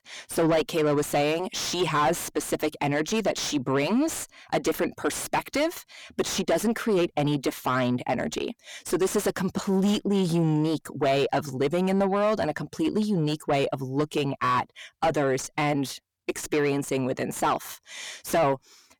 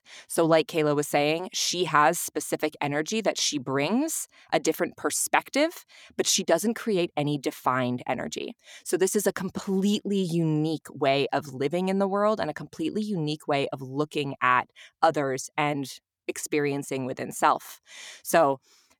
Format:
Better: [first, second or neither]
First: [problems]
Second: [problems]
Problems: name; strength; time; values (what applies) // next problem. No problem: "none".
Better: second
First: distortion; heavy; 7 dB below the speech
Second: none